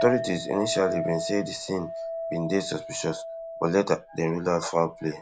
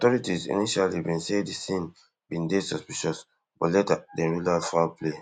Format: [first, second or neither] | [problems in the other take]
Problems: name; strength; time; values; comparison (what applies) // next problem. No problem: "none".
second | background sound (Chink, clink); 7 dB below the speech